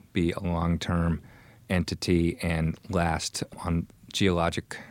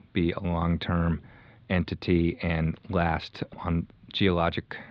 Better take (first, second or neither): first